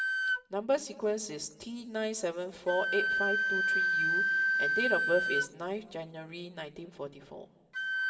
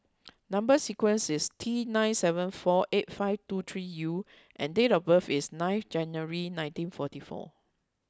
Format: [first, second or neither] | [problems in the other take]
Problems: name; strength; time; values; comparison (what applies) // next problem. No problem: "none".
second | background sound (Wind instrument, woodwind instrument); 3 dB above the speech // room echo; dies away in 2.8 s